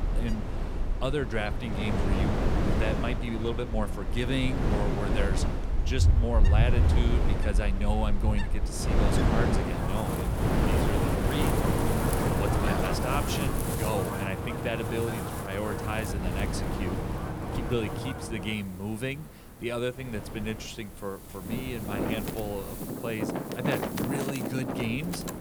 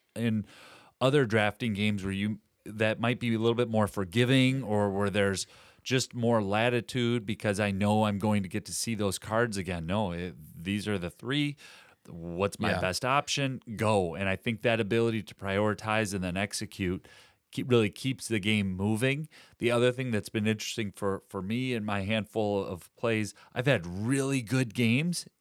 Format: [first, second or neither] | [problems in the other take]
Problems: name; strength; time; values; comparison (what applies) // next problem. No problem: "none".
second | wind in the background; very loud; throughout; 4 dB above the speech